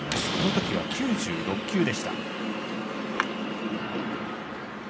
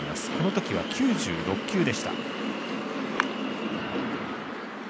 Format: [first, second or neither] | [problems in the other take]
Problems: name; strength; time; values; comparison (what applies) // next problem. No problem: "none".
second | background sound (Slam); 8 dB below the speech // room echo; dies away in 2.3 s